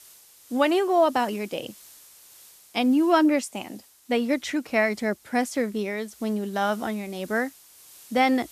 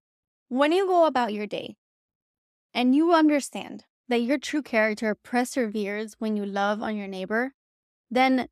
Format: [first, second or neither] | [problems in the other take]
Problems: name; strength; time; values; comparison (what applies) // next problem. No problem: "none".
second | hiss; faint; throughout; 25 dB below the speech